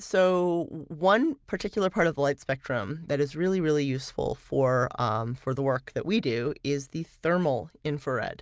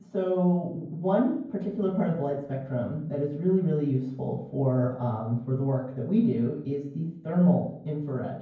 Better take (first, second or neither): first